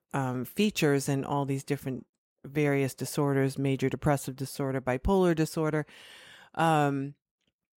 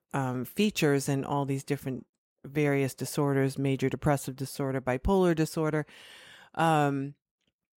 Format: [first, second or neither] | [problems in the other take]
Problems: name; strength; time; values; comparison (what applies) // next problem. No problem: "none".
neither | none